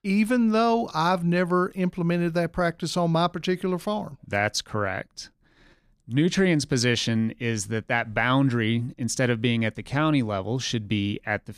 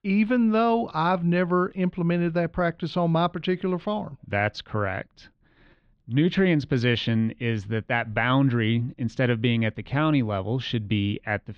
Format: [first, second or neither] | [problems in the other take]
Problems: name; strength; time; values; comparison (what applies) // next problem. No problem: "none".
first | muffled; slightly; fading above 3.5 kHz